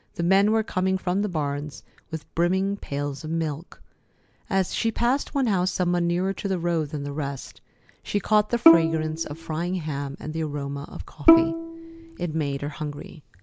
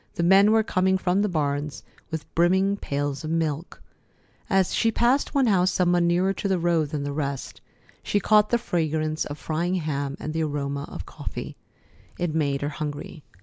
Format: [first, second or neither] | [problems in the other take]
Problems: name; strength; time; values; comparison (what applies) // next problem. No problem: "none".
second | background sound (Bowed string instrument); 2 dB above the speech